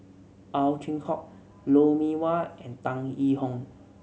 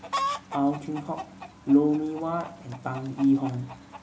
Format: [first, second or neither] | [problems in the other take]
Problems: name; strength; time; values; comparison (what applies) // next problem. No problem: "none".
first | background sound (Chicken, rooster); 10 dB below the speech // room echo; dies away in 0.4 s